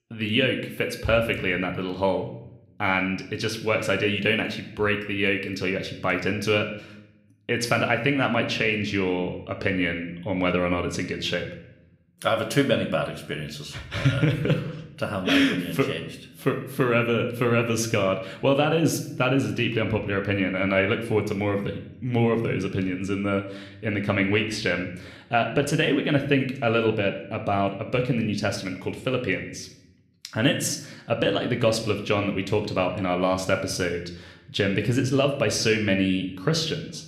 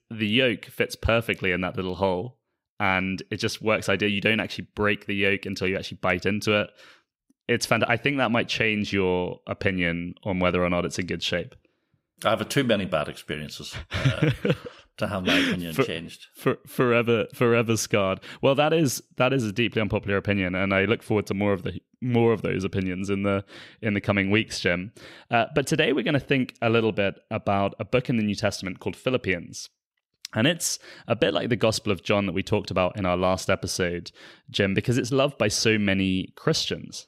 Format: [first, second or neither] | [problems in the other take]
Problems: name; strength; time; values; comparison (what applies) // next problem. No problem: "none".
second | room echo; slight; dies away in 0.6 s